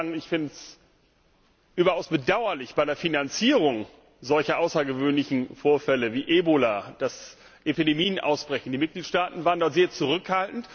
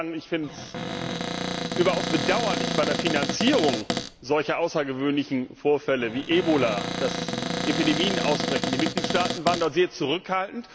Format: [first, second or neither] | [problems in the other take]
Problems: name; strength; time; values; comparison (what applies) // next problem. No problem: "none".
first | background sound (Cupboard open or close); 2 dB below the speech